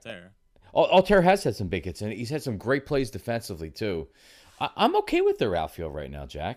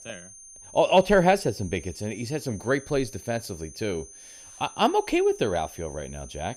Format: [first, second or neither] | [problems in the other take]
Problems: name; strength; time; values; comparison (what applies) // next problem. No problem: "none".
first | high-pitched whine; noticeable; throughout; 6.5 kHz, 20 dB below the speech